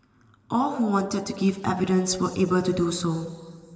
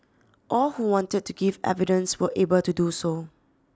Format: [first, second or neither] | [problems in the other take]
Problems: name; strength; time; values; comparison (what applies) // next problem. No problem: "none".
second | room echo; dies away in 1.9 s